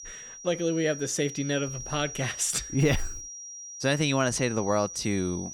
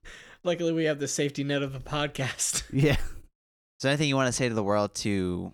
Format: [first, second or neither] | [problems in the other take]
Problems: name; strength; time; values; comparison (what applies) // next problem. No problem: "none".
second | high-pitched whine; noticeable; throughout; 5.5 kHz, 10 dB below the speech